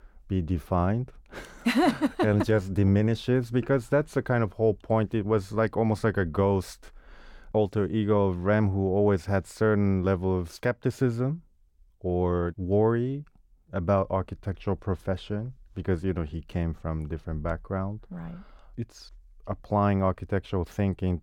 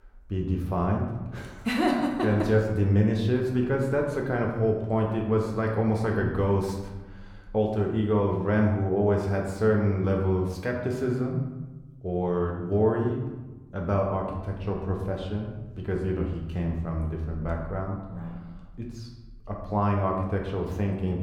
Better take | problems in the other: first | room echo; noticeable; dies away in 0.9 s // off-mic speech; somewhat distant

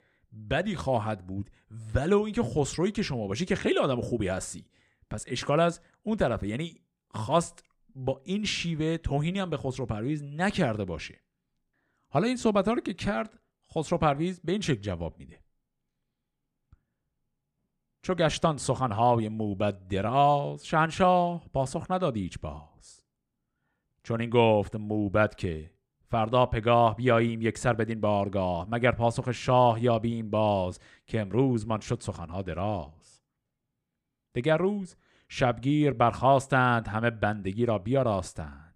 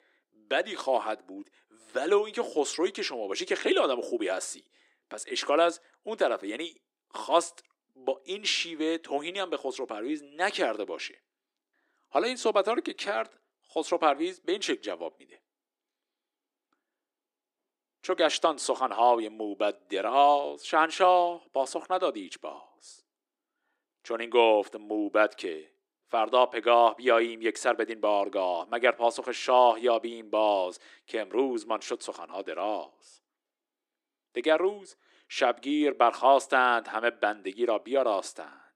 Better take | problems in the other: first | thin; somewhat; fading below 300 Hz

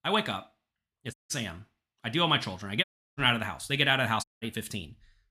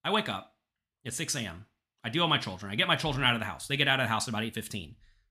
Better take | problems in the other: second | audio cutting out; at 1 s, at 3 s and at 4 s

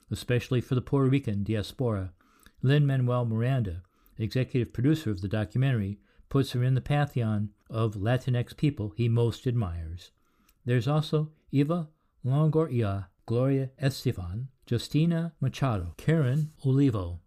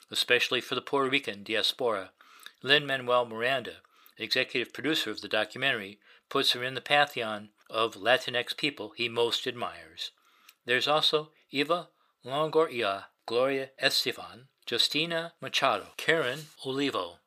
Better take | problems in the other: first | thin; very; fading below 650 Hz

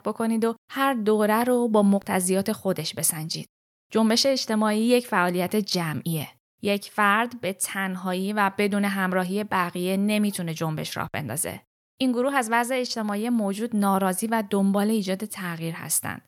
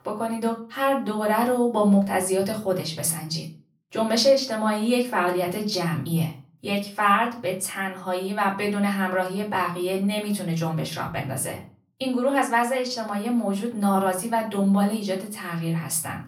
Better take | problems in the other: first | off-mic speech; far // room echo; very slight; dies away in 0.3 s

